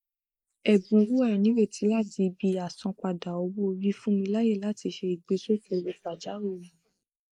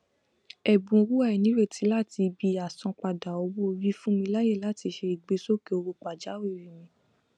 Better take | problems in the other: second | noise reduction (neural mask model Resemble Enhance denoiser)

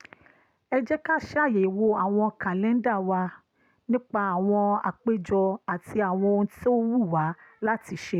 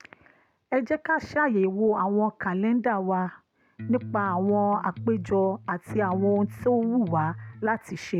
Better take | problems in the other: first | background sound (Electric guitar); 12 dB below the speech

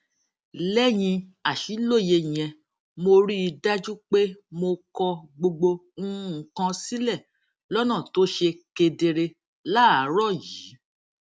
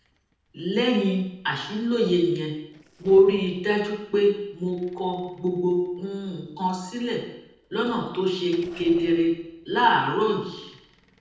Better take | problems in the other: first | noise reduction (neural separator model SepFormer DNS4)

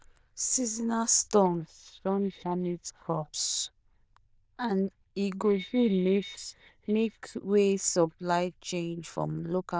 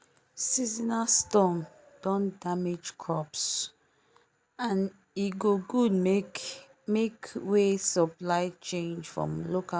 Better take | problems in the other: second | noise reduction (neural diffusion model UNIVERSE++)

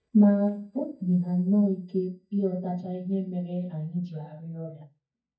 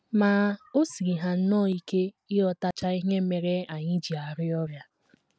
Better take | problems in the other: second | noise reduction (neural mask model DeepFilterNet 3)

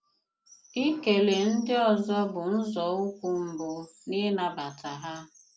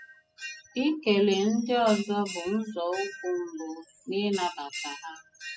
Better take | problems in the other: first | noise reduction (classical method spectral subtraction)

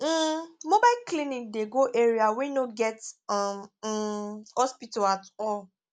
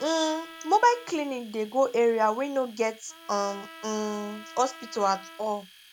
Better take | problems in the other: first | background sound (Domestic sounds, home sounds + Trumpet); 19 dB below the speech

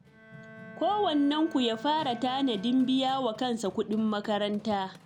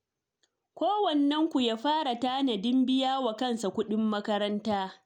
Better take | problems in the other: second | background sound (Run + Bowed string instrument); 19 dB below the speech

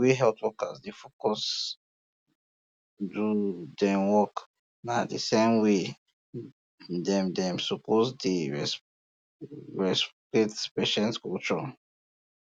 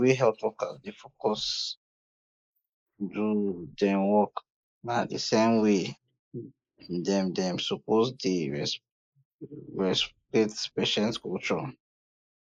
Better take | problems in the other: first | noise reduction (neural mask model Resemble Enhance denoiser)

